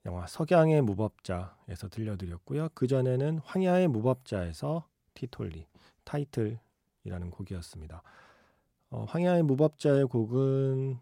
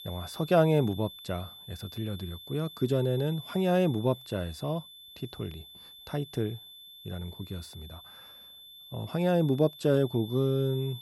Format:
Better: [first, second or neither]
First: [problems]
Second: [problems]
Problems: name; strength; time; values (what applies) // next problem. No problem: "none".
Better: first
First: none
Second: high-pitched whine; noticeable; throughout; 3.5 kHz, 15 dB below the speech